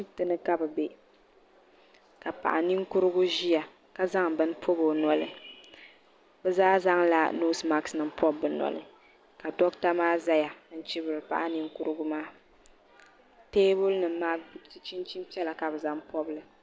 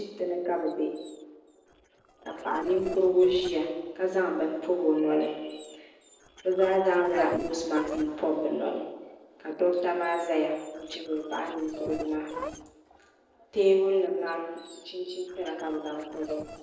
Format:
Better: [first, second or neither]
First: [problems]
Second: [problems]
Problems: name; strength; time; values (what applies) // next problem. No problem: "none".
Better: first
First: none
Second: noise reduction (neural separator model SepFormer DNS4)